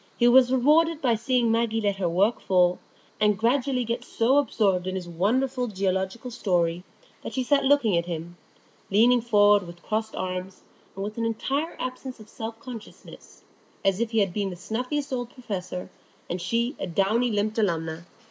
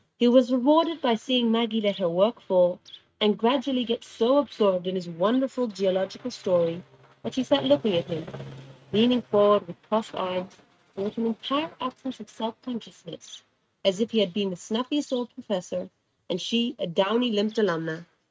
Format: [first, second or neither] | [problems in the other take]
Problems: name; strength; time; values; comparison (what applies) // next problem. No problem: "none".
first | noise reduction (neural mask model RNNoise)